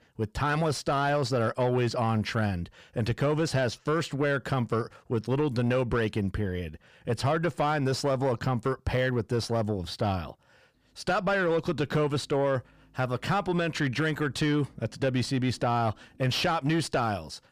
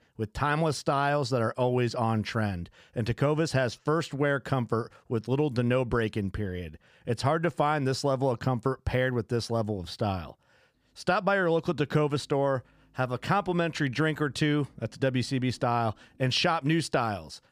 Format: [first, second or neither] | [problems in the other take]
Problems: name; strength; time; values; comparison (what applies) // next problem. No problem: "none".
second | distortion; slight; 10 dB below the speech